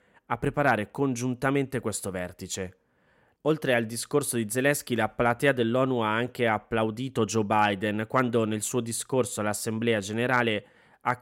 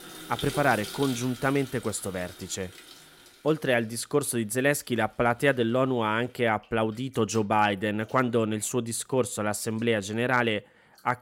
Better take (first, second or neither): first